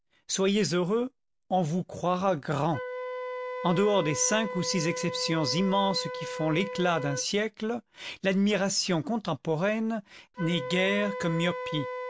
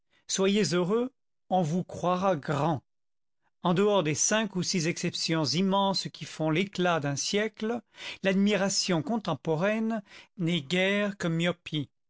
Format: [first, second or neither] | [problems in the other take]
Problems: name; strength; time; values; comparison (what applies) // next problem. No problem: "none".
second | background sound (Wind instrument, woodwind instrument); 10 dB below the speech